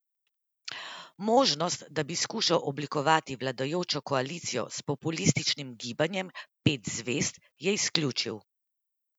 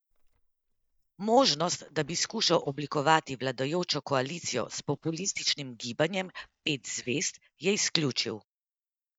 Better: first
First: none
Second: noise reduction (neural mask model DeepFilterNet 3)

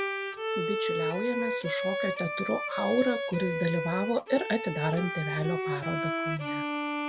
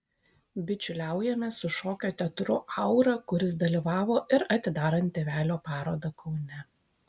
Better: second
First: background sound (Bowed string instrument); 1 dB below the speech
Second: none

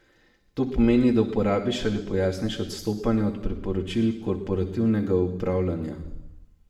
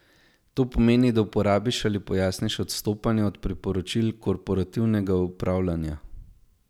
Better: second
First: room echo; dies away in 1 s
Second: none

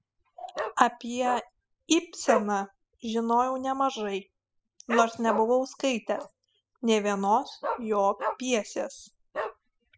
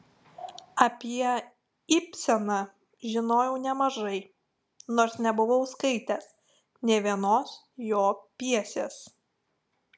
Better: second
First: noise reduction (classical method spectral subtraction)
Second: none

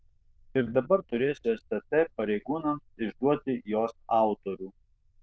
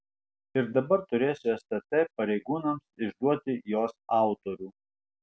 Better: second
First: noise reduction (neural diffusion model UNIVERSE++)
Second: none

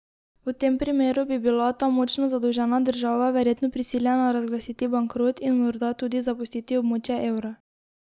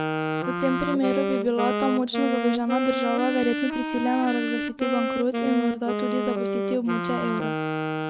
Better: first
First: none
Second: background sound (Wind instrument, woodwind instrument); 1 dB below the speech

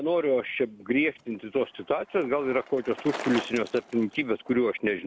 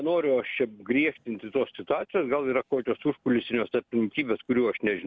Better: second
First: background sound (Bicycle); 16 dB below the speech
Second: none

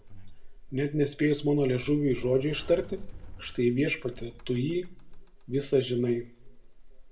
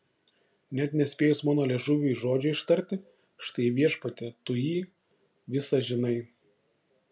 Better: second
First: background sound (Sliding door); 13 dB below the speech // room echo; dies away in 0.3 s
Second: none

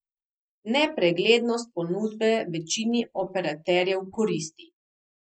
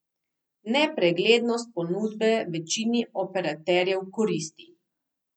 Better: second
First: noise reduction (neural mask model Resemble Enhance denoiser)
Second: none

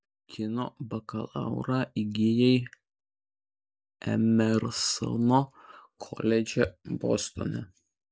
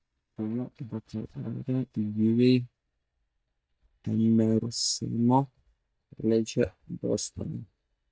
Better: first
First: none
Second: noise reduction (neural mask model DeepFilterNet 3)

